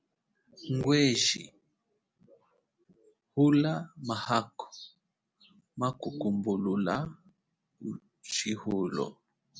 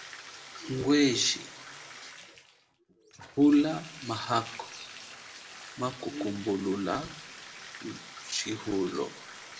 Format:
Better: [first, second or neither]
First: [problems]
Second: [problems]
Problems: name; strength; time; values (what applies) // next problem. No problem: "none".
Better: first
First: none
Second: background sound (Bathtub (filling or washing)); 15 dB below the speech // room echo; dies away in 0.5 s